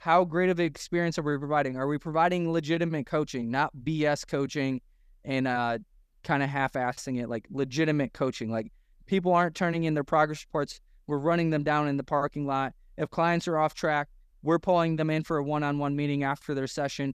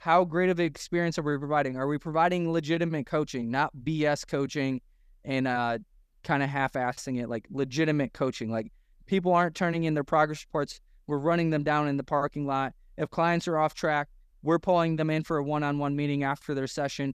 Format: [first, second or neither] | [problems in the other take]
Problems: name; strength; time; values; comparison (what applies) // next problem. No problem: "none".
neither | none